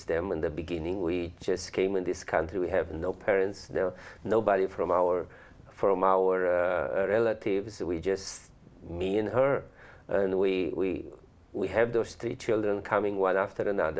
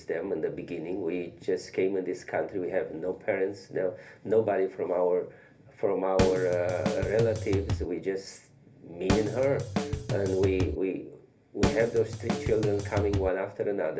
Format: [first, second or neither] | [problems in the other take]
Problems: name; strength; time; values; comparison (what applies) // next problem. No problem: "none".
first | background sound (Drum kit); 1 dB below the speech // room echo; dies away in 0.3 s